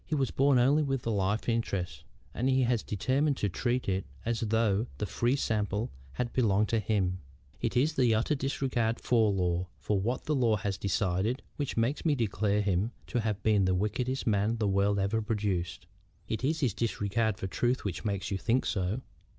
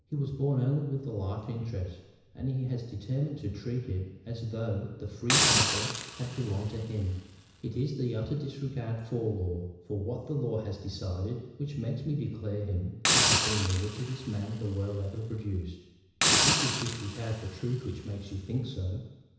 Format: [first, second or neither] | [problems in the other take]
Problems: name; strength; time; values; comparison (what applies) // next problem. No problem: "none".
first | background sound (Hiss); 3 dB above the speech // room echo; dies away in 1 s